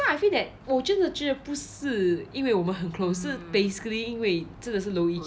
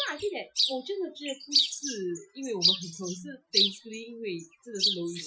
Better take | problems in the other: first | noise reduction (classical method Wiener filter)

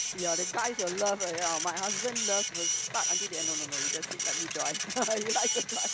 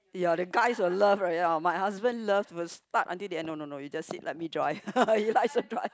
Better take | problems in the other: second | background sound (Printer); 2 dB above the speech

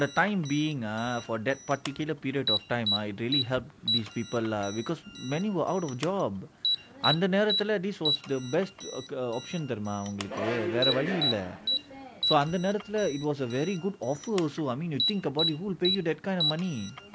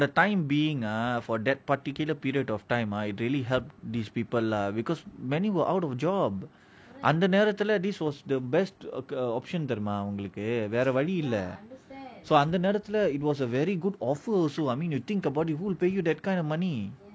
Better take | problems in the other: second | background sound (Alarm + Subway, metro, underground); 4 dB below the speech

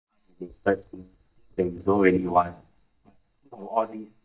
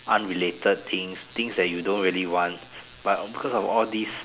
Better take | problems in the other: second | noise reduction (neural mask model DeepFilterNet 3)

